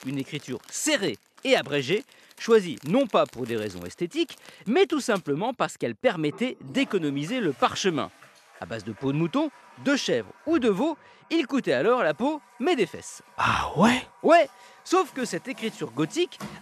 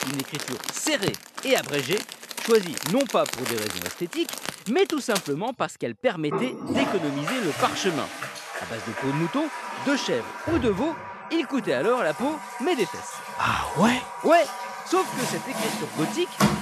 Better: first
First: household noises; faint; throughout; 25 dB below the speech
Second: household noises; loud; throughout; 5 dB below the speech

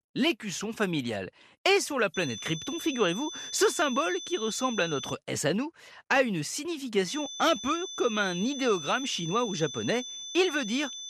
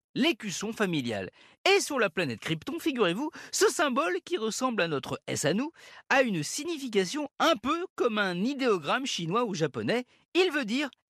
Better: second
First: high-pitched whine; loud; from 2 to 5 s and from 7 s on; 3.5 kHz, 9 dB below the speech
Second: none

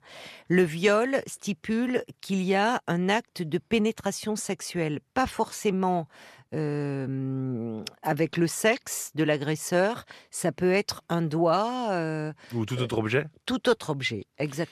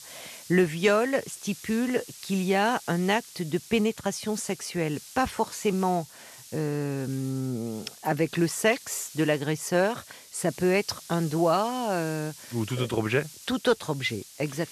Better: first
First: none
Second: hiss; noticeable; throughout; 15 dB below the speech

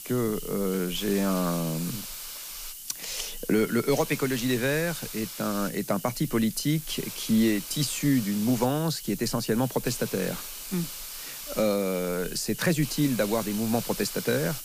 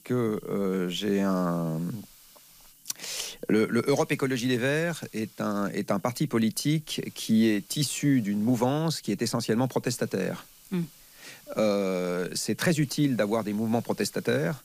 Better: second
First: hiss; loud; throughout; 9 dB below the speech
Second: hiss; faint; throughout; 25 dB below the speech

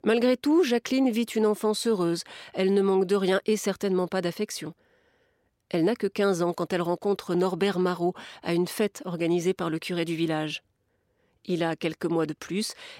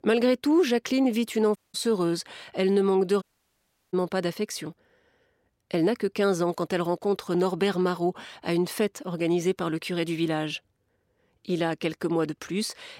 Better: first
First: none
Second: audio cutting out; at 1.5 s and at 3 s for 0.5 s

